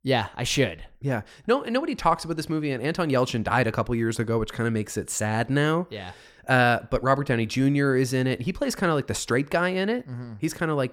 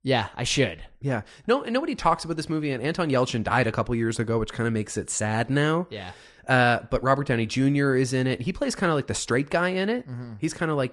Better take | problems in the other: first | garbled, watery; slightly; nothing above 10 kHz

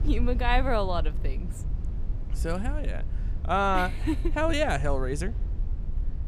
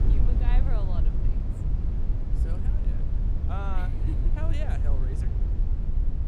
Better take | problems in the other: first | low rumble; loud; throughout; 3 dB below the speech; faint in the first

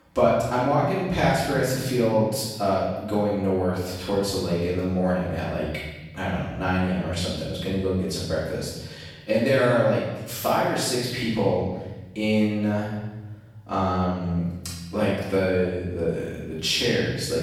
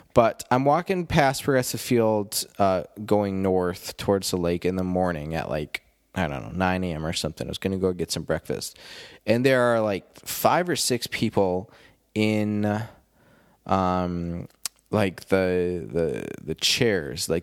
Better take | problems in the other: second | room echo; strong; dies away in 1.3 s // off-mic speech; far

